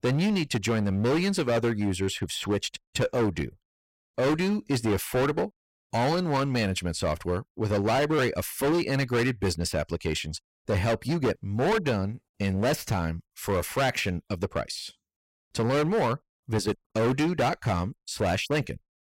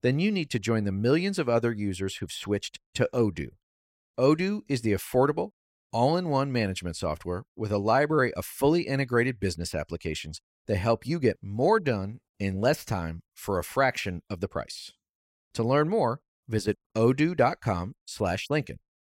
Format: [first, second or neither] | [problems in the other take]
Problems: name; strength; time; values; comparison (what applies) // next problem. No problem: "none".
second | distortion; heavy; 16% of the sound clipped